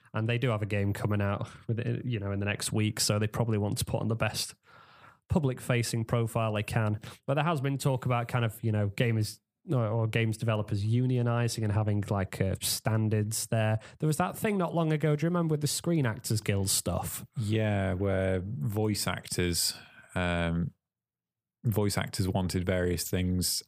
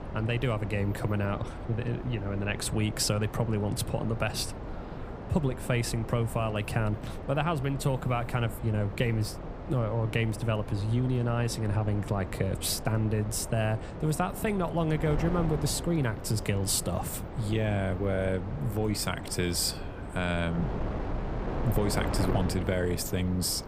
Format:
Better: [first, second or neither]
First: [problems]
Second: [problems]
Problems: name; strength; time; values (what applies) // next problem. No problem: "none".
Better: first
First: none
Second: wind noise on the microphone; heavy; 9 dB below the speech